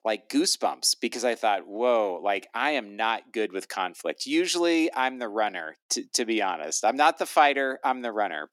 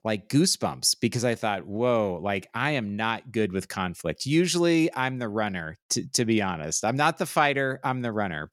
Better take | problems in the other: second | thin; somewhat; fading below 250 Hz

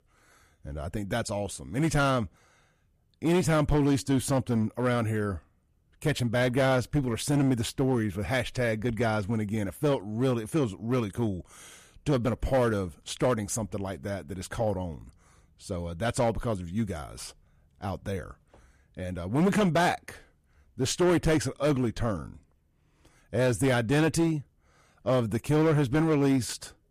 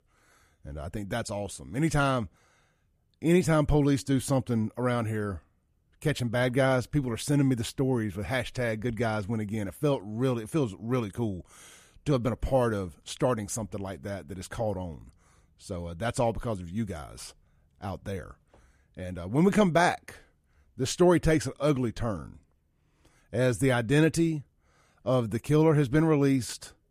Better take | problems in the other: second | distortion; slight; 6% of the sound clipped

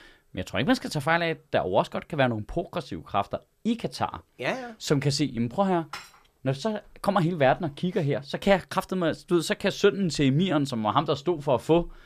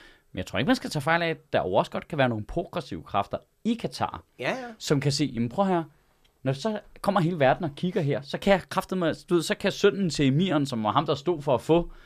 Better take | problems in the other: second | clattering dishes; faint; at 6 s; peak 15 dB below the speech

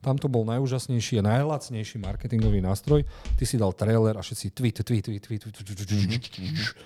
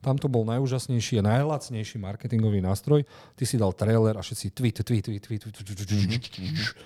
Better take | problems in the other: second | footsteps; noticeable; from 2 to 3.5 s; peak 5 dB below the speech

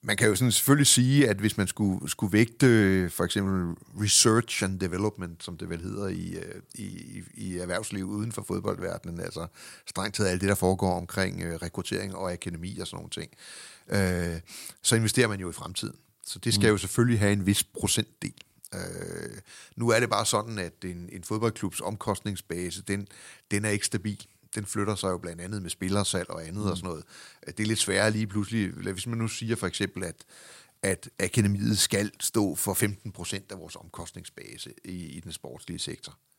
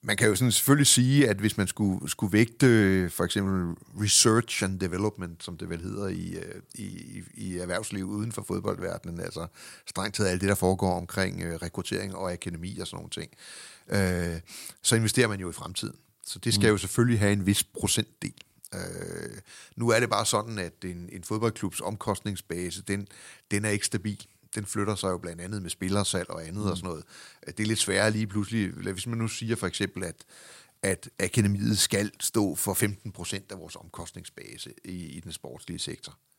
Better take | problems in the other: neither | none

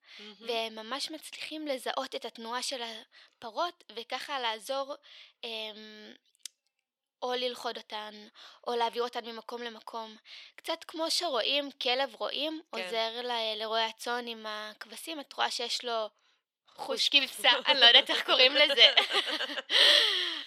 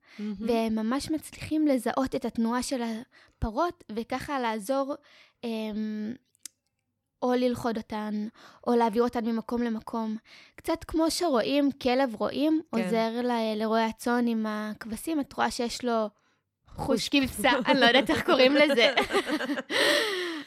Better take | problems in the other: second | thin; somewhat; fading below 600 Hz

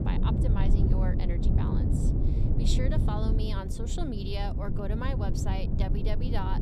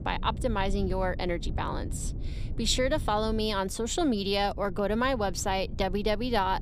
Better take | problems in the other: second | low rumble; loud; throughout; 2 dB below the speech; faint in the second

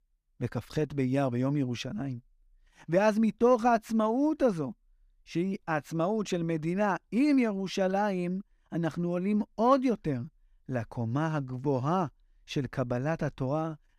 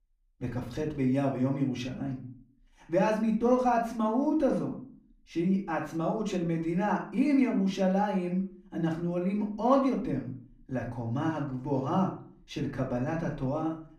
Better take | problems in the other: first | off-mic speech; far // room echo; slight; dies away in 0.4 s

